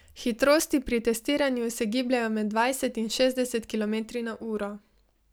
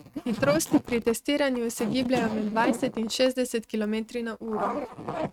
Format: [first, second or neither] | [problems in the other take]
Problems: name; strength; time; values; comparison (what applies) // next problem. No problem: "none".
first | noise reduction (neural mask model RNNoise)